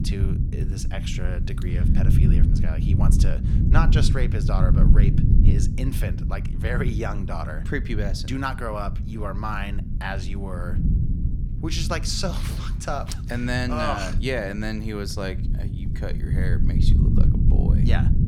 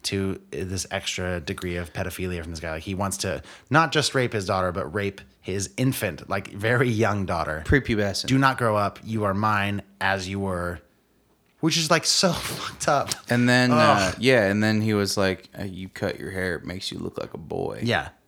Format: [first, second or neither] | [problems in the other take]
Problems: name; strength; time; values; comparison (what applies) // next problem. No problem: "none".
second | low rumble; loud; throughout; 6 dB below the speech